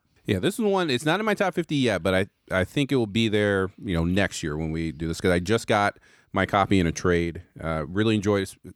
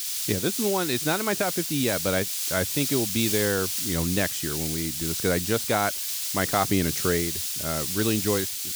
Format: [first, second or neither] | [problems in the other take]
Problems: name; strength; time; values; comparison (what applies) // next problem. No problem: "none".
first | hiss; loud; throughout; as loud as the speech